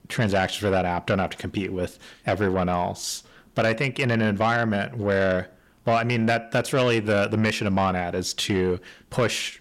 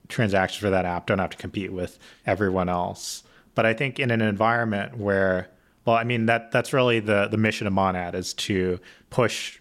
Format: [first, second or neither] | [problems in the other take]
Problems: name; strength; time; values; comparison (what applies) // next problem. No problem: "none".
second | distortion; slight; 10 dB below the speech